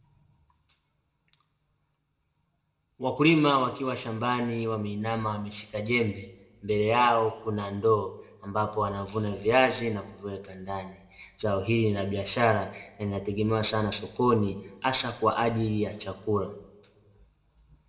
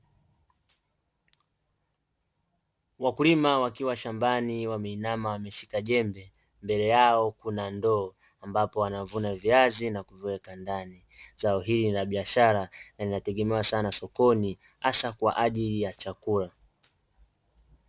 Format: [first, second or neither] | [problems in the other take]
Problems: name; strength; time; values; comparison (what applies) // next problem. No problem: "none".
second | room echo; dies away in 0.8 s